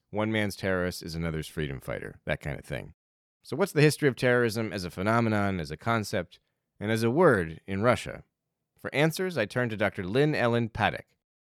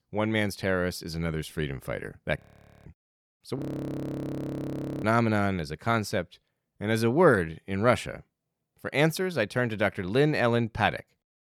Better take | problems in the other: first | audio freezing; at 2.5 s and at 3.5 s for 1.5 s

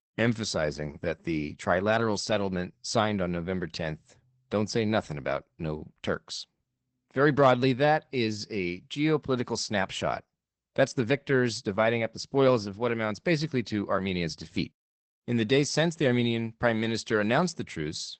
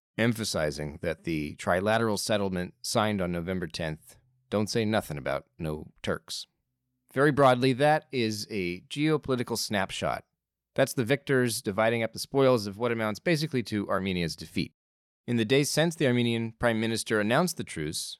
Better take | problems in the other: second | garbled, watery; badly; nothing above 8 kHz

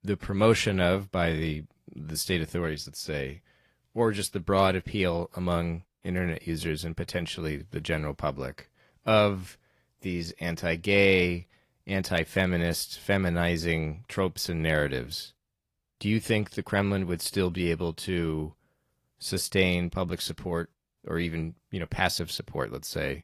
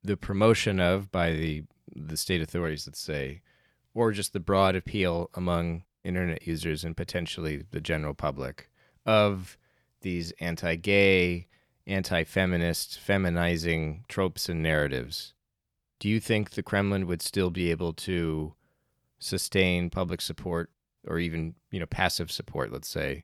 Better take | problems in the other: second | garbled, watery; slightly; nothing above 12.5 kHz

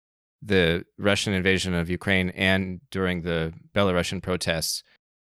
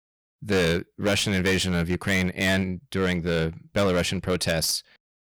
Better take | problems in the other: first | distortion; heavy; 10% of the sound clipped

